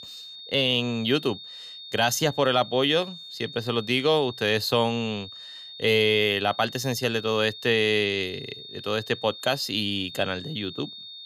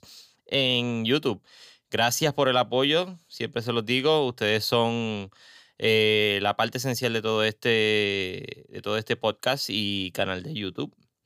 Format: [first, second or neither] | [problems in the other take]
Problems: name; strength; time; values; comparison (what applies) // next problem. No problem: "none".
second | high-pitched whine; noticeable; throughout; 3.5 kHz, 15 dB below the speech